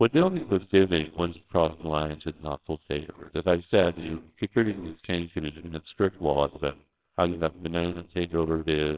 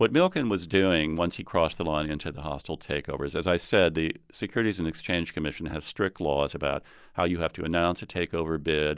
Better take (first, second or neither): second